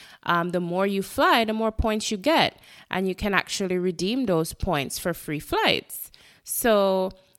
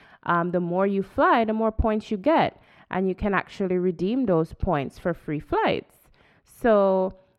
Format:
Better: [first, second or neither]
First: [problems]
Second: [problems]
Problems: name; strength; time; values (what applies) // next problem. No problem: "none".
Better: first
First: none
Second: muffled; very; fading above 3 kHz